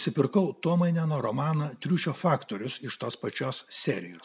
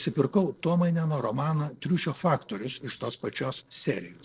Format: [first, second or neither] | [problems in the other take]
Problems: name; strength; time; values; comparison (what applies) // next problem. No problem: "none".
first | noise reduction (neural separator model SepFormer DNS4)